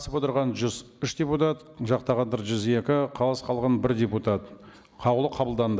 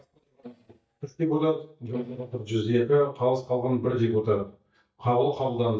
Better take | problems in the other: first | noise reduction (neural mask model DeepFilterNet 3)

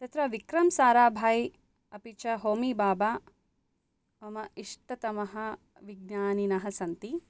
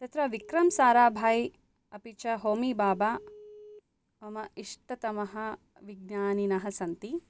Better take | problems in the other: first | background sound (Telephone); 19 dB below the speech

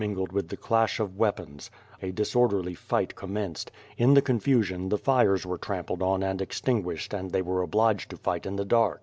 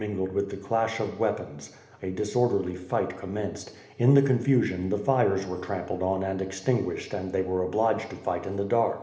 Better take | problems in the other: first | room echo; dies away in 1 s

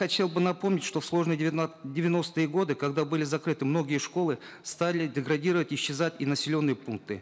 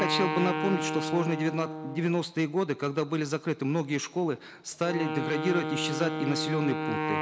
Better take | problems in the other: first | background sound (Wind instrument, woodwind instrument); 4 dB below the speech

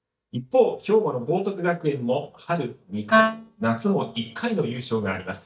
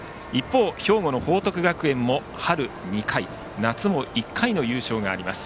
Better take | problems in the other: second | noise reduction (neural mask model DeepFilterNet 3)

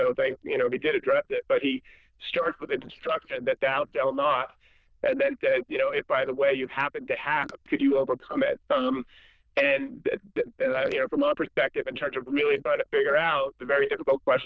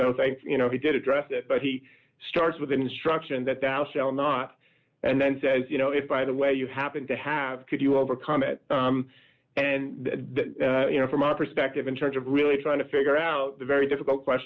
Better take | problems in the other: second | noise reduction (neural diffusion model UNIVERSE++)

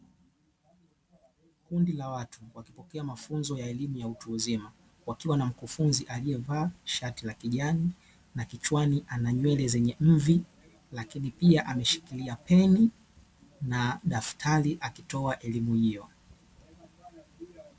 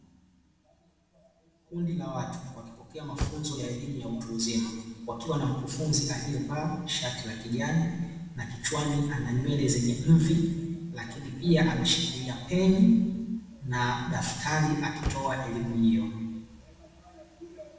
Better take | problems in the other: first | background sound (Motor vehicle (road)); 18 dB below the speech // room echo; dies away in 1.2 s

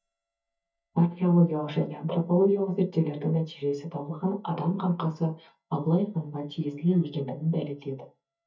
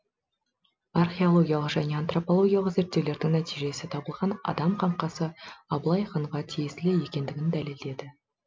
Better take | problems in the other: second | noise reduction (neural mask model DeepFilterNet 3)

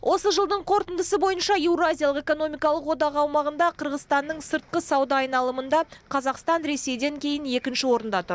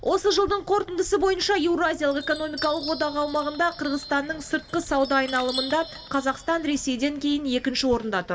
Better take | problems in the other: first | background sound (Chime); 16 dB below the speech // room echo; dies away in 0.3 s

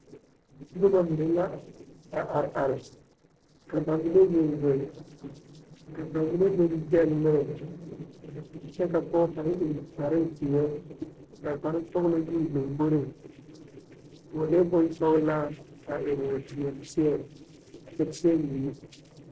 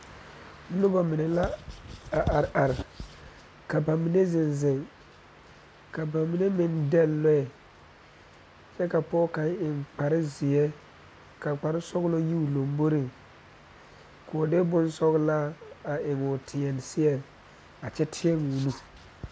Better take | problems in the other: second | noise reduction (neural separator model SepFormer DNS4)

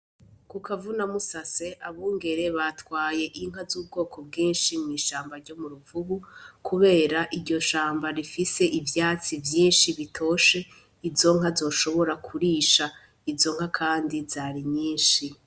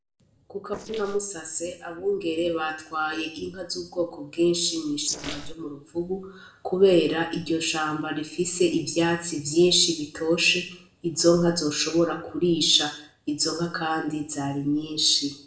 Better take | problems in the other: first | noise reduction (neural separator model SepFormer DNS4)

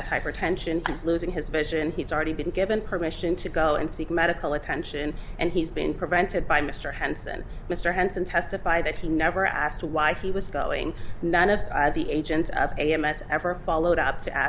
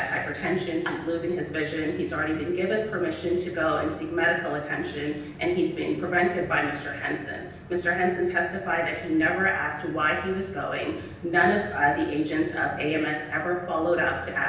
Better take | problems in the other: first | room echo; dies away in 0.9 s

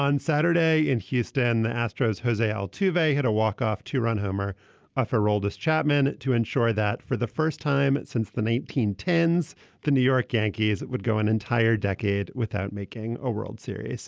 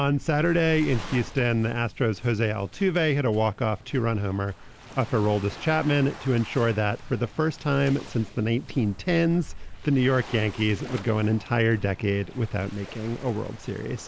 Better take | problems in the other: first | background sound (Waves, surf); 15 dB below the speech

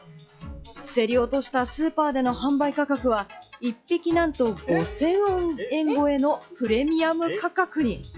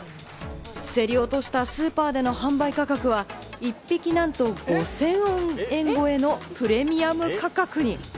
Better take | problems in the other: second | noise reduction (classical method log-MMSE)

